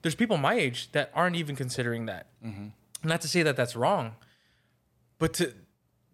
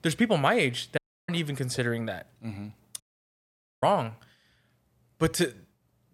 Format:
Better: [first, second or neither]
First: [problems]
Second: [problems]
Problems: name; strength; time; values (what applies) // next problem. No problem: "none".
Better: first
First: none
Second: audio cutting out; at 1 s and at 3 s for 1 s